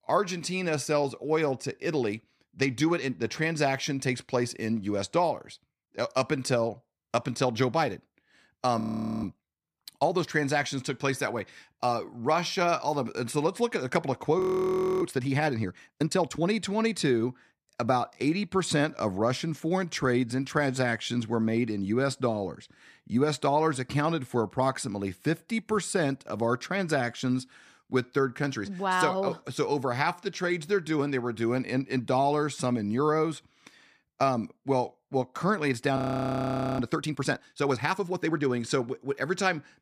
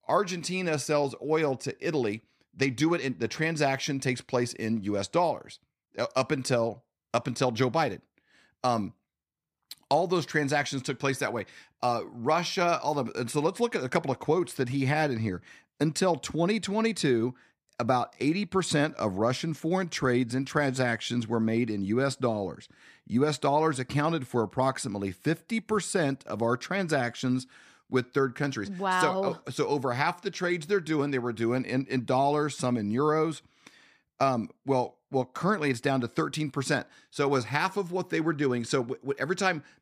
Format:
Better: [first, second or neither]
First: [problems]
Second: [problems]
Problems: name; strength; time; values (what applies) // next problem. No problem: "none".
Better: second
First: audio freezing; at 9 s, at 14 s for 0.5 s and at 36 s for 1 s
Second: none